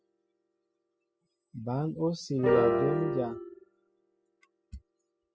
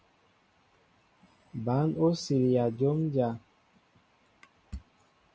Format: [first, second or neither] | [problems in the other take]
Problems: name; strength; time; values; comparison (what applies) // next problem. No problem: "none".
second | noise reduction (classical method spectral subtraction)